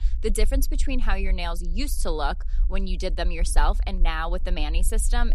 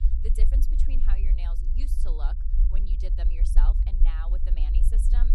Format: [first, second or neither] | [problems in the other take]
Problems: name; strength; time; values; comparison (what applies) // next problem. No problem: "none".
first | low rumble; loud; throughout; 3 dB below the speech; faint in the first